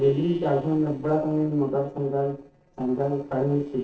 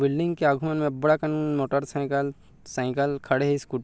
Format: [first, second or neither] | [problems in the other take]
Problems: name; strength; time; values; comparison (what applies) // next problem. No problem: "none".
second | noise reduction (neural separator model SepFormer DNS4)